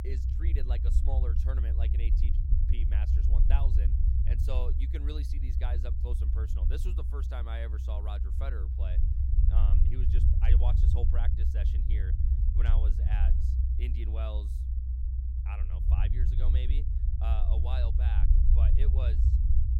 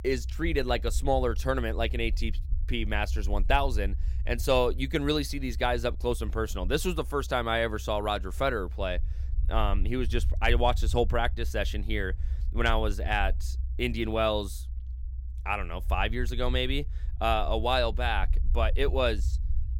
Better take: second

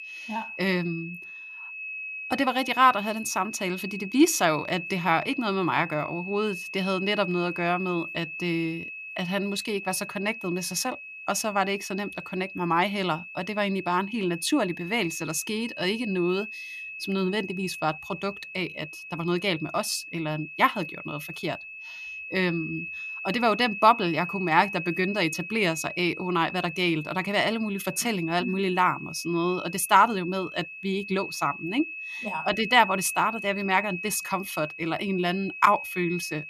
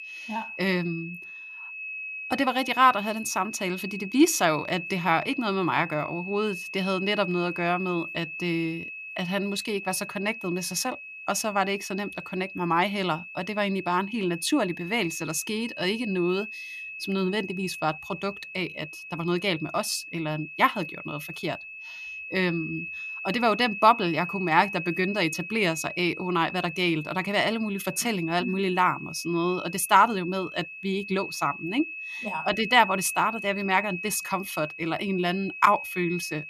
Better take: neither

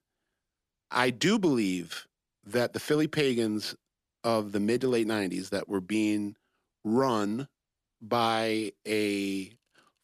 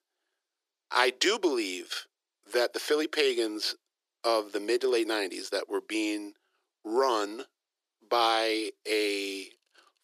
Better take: first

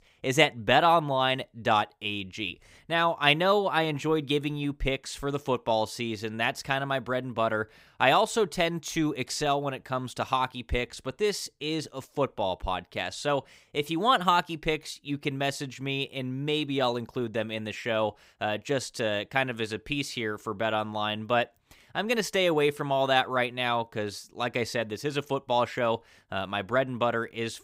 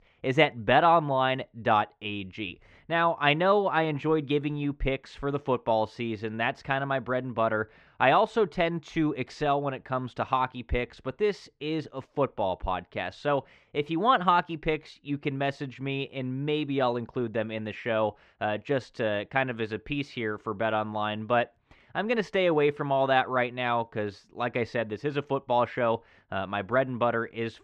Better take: first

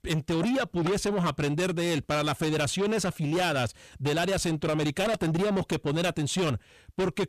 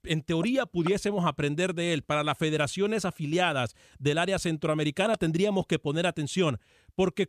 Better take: second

